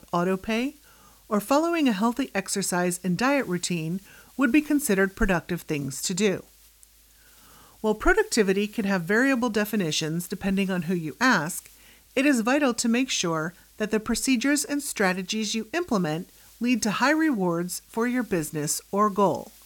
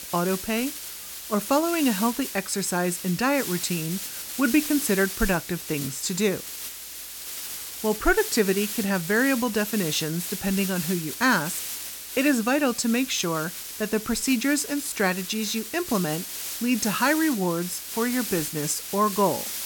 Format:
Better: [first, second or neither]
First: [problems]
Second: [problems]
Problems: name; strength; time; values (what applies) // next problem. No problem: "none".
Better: first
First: hiss; faint; throughout; 25 dB below the speech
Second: hiss; loud; throughout; 7 dB below the speech